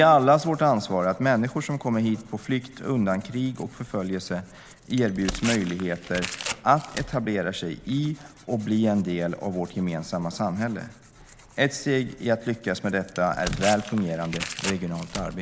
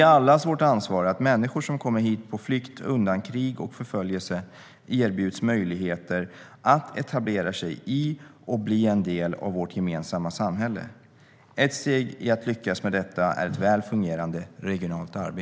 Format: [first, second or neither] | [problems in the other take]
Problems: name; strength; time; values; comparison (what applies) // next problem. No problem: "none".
second | background sound (Tearing); 14 dB below the speech